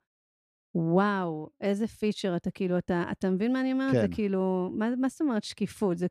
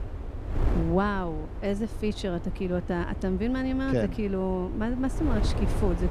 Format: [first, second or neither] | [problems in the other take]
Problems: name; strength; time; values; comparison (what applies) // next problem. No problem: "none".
first | wind noise on the microphone; heavy; 10 dB below the speech